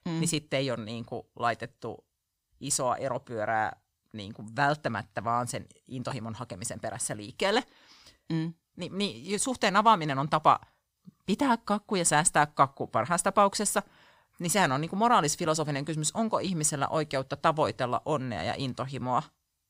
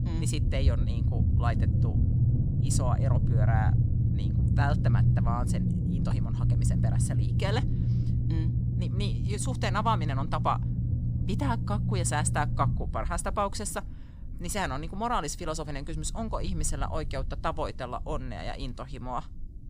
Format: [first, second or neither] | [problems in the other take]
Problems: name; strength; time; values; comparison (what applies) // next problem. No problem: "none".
first | low rumble; loud; throughout; 7 dB below the speech